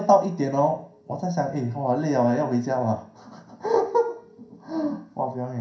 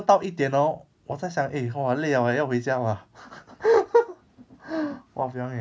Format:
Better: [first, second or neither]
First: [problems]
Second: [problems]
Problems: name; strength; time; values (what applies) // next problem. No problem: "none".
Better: second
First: room echo; dies away in 0.5 s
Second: none